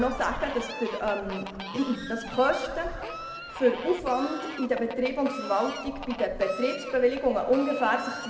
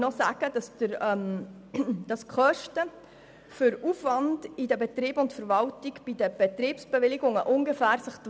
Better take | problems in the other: second | background sound (Fowl); 11 dB below the speech // room echo; dies away in 1.9 s

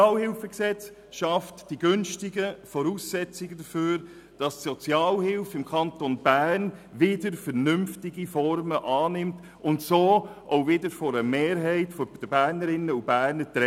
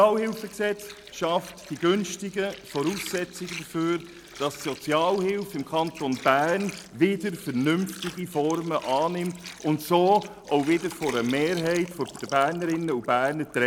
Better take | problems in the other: first | background sound (Water); 18 dB below the speech

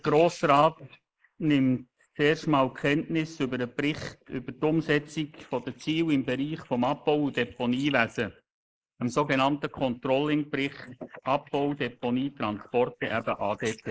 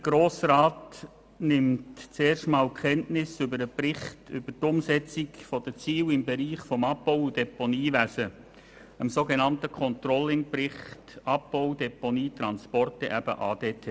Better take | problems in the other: second | noise reduction (neural mask model Resemble Enhance denoiser)

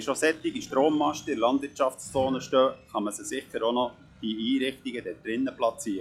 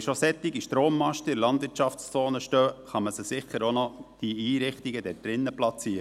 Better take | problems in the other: second | noise reduction (classical method log-MMSE)

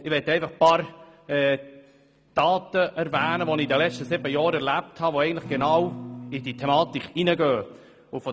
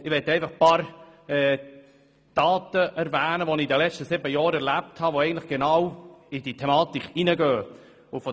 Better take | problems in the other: second | background sound (Acoustic guitar / Strum); 13 dB below the speech

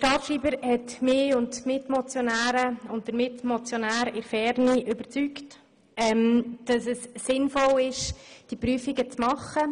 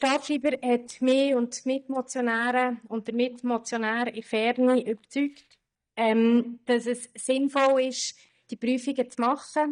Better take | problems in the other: first | noise reduction (neural mask model DeepFilterNet 3)

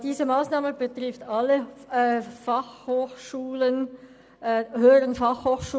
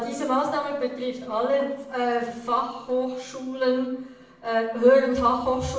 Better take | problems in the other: first | room echo; dies away in 0.7 s

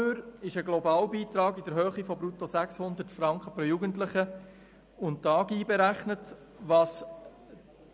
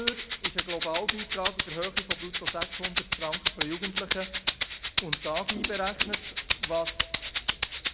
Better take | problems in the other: first | background sound (Rattle (instrument)); 4 dB above the speech

